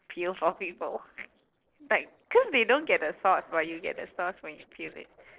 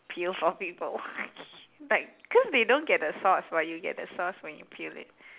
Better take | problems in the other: second | noise reduction (neural separator model SepFormer DNS4)

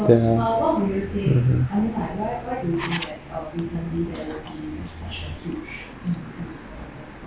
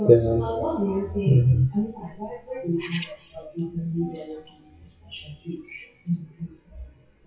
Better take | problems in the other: first | noise reduction (classical method WPE with log-MMSE)

